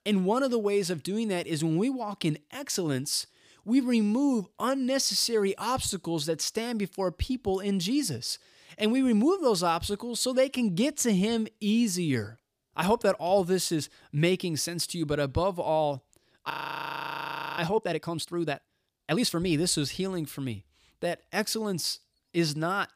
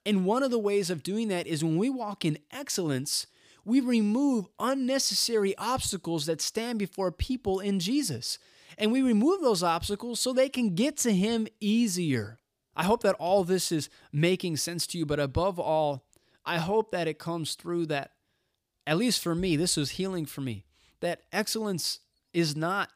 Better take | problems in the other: second | audio freezing; at 17 s for 1 s

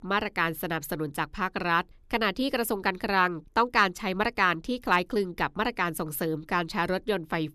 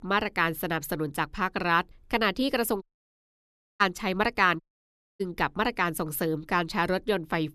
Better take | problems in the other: first | audio cutting out; at 3 s for 1 s and at 4.5 s for 0.5 s

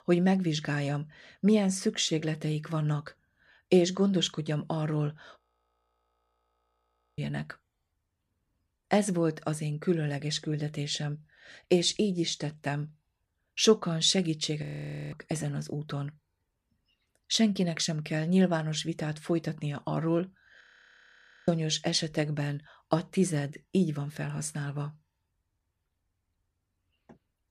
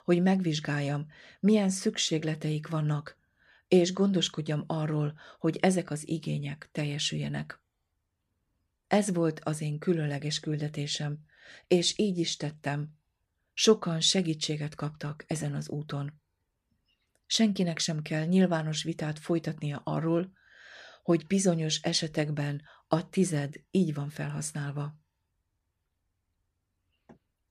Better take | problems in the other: second | audio freezing; at 5.5 s for 2 s, at 15 s and at 21 s for 1 s

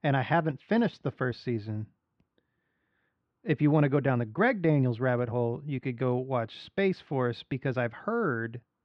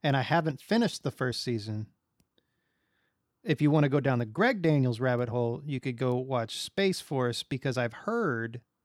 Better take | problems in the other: second | muffled; slightly; fading above 2.5 kHz

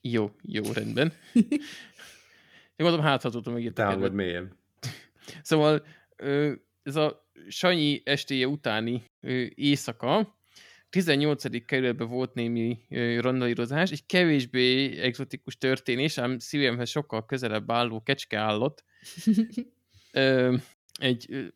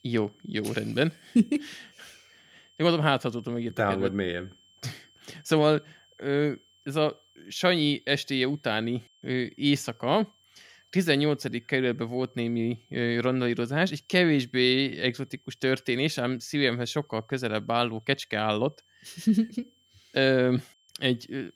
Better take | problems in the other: first | high-pitched whine; faint; throughout; 3 kHz, 35 dB below the speech

